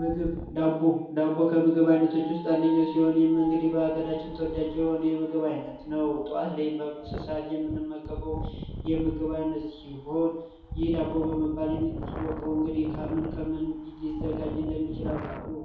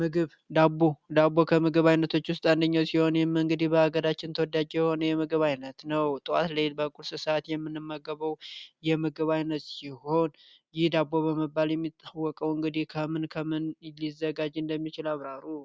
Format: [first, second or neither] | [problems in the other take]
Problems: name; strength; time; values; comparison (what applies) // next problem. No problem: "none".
second | background sound (Wind); 11 dB below the speech // room echo; dies away in 2 s